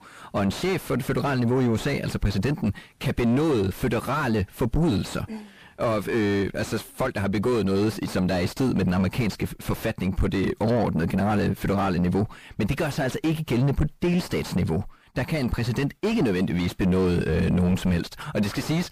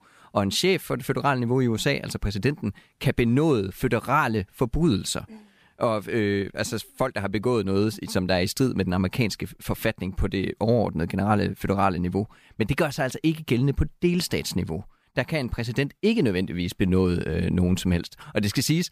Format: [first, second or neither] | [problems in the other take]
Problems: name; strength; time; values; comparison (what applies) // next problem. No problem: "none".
second | distortion; heavy; 5 dB below the speech